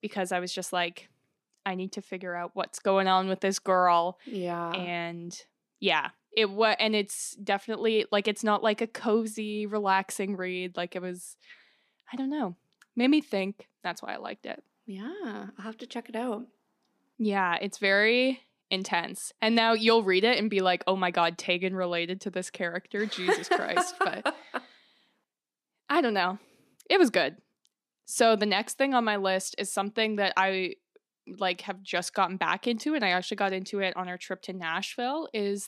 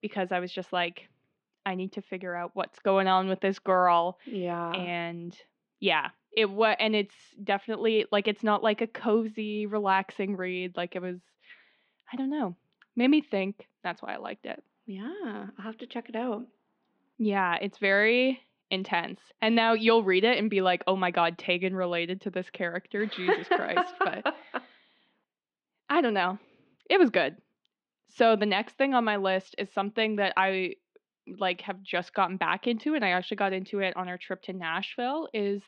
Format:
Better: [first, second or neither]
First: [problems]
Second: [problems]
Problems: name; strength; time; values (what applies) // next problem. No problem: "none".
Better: first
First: none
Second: muffled; slightly; fading above 3 kHz